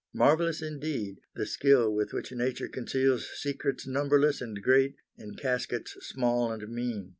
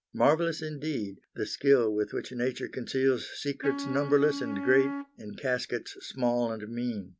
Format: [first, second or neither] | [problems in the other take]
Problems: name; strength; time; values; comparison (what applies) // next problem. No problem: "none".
first | background sound (Wind instrument, woodwind instrument); 8 dB below the speech